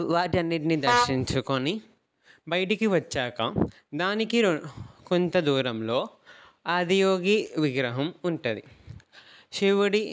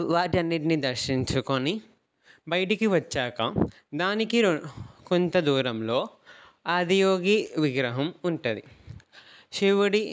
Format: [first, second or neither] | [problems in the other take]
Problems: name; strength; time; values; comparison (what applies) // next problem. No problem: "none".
second | background sound (Vehicle horn, car horn, honking); 3 dB below the speech